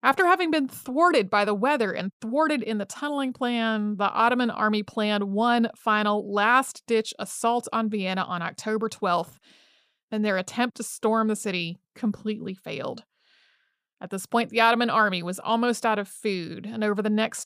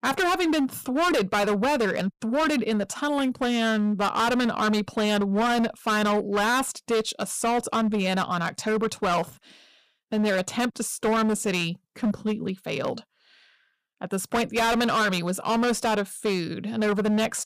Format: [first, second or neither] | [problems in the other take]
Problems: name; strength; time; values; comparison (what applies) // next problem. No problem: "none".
first | distortion; heavy; 18% of the sound clipped